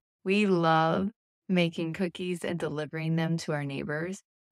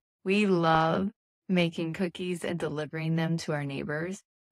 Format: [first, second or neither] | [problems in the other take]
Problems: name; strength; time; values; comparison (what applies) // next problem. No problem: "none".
first | garbled, watery; slightly; nothing above 15.5 kHz